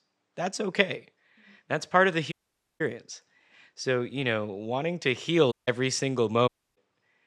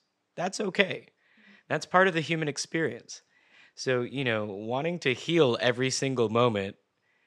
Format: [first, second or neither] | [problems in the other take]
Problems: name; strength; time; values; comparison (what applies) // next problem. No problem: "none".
second | audio cutting out; at 2.5 s, at 5.5 s and at 6.5 s